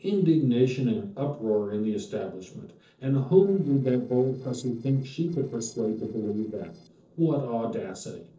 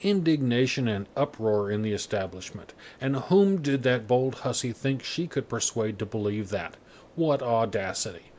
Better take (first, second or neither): second